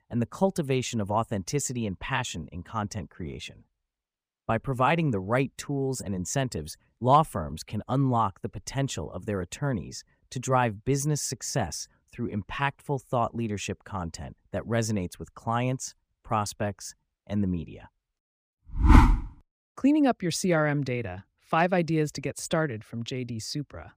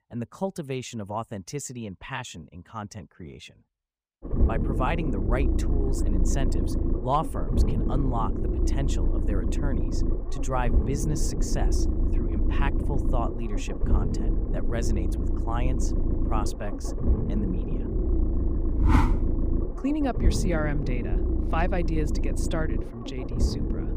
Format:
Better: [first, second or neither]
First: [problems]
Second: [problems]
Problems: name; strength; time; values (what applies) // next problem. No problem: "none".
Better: first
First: none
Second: low rumble; loud; from 4.5 s on; 4 dB below the speech